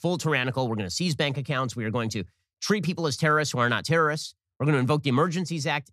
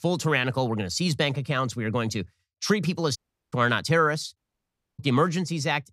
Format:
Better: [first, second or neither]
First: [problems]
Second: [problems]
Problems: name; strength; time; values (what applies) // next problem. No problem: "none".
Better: first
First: none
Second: audio cutting out; at 3 s and at 4.5 s for 0.5 s